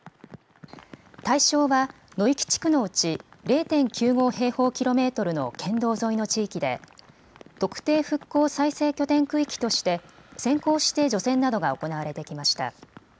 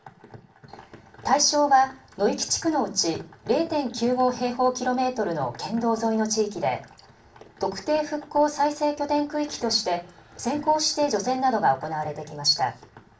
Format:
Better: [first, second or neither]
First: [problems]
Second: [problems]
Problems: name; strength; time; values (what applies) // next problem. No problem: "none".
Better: first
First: none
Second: room echo; dies away in 0.3 s